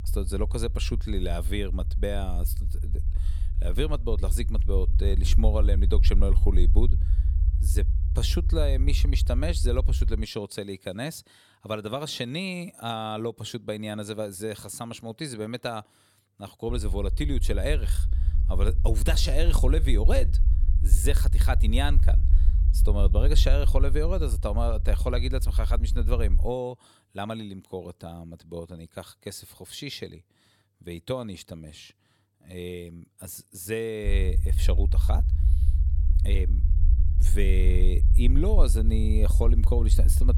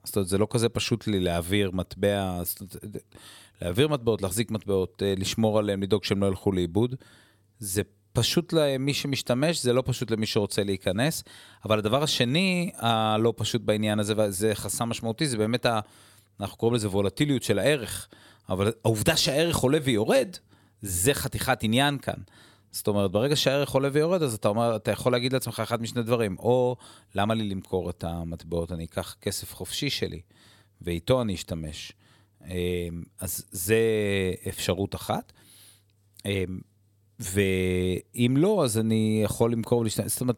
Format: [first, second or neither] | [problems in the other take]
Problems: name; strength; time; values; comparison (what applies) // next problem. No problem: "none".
second | low rumble; noticeable; until 10 s, from 17 to 26 s and from 34 s on; 10 dB below the speech